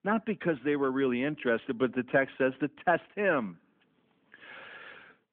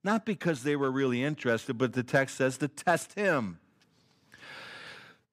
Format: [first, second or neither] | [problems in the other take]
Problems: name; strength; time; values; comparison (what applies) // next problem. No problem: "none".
second | phone-call audio; nothing above 3.5 kHz